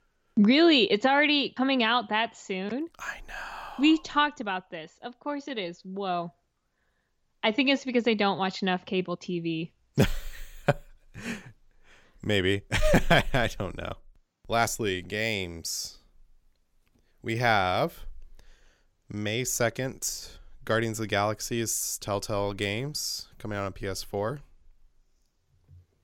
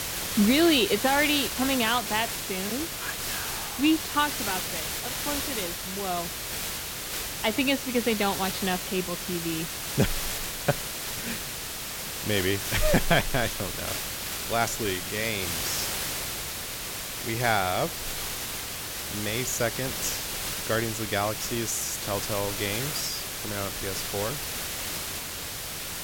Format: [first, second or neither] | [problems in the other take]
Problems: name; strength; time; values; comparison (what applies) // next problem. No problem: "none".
first | hiss; loud; throughout; 2 dB below the speech